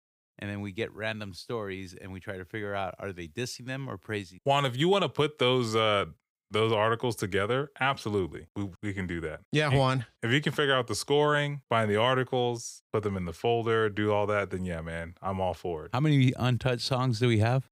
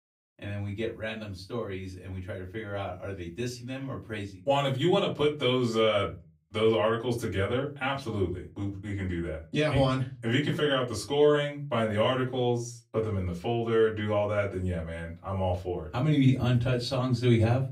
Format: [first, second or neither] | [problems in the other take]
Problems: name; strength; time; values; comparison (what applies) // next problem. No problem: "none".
first | off-mic speech; far // room echo; very slight; dies away in 0.3 s